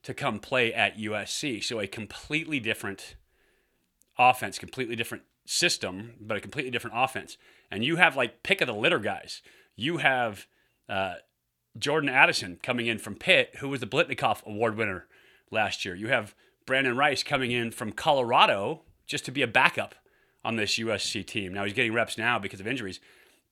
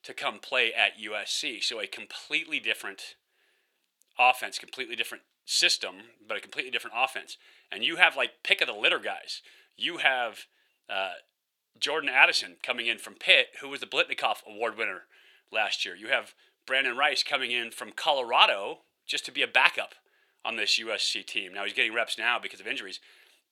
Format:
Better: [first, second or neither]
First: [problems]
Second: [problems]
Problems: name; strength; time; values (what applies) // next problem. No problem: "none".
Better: first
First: none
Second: thin; somewhat; fading below 450 Hz